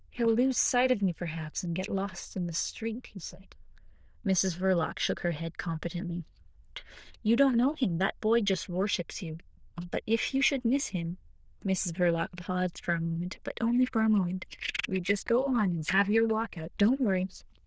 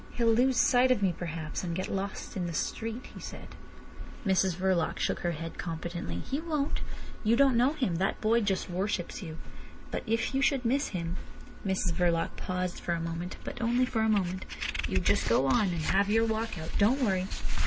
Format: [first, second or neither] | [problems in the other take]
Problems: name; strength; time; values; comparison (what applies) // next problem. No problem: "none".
second | noise reduction (neural diffusion model UNIVERSE++)